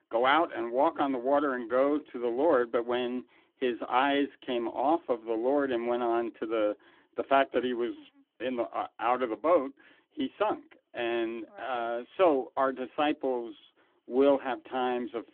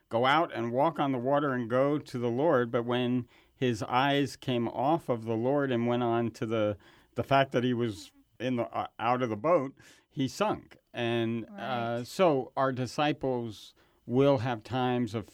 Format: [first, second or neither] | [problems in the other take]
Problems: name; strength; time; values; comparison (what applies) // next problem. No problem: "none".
second | phone-call audio; nothing above 3.5 kHz